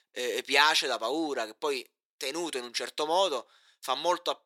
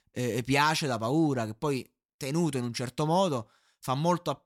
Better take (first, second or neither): second